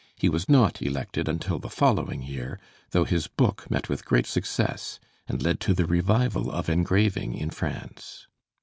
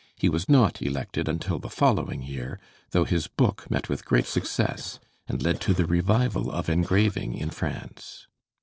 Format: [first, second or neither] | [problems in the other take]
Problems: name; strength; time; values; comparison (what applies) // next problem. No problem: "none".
first | noise reduction (neural separator model SepFormer DNS4)